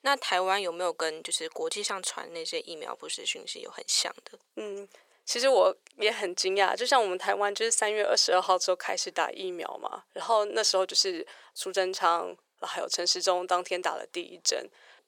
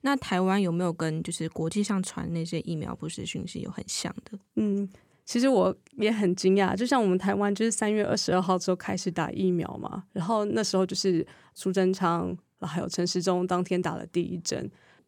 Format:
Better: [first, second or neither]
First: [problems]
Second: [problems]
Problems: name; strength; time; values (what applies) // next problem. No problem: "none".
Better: second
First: thin; very; fading below 500 Hz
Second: none